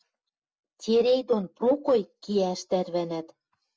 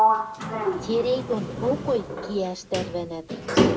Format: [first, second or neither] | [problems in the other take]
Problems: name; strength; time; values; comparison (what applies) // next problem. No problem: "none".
first | background sound (Sliding door); 3 dB above the speech